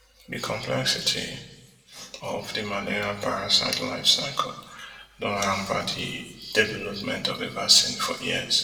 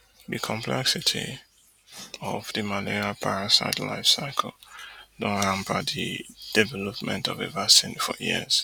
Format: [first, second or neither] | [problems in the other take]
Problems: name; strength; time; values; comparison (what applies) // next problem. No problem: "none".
second | room echo; dies away in 1 s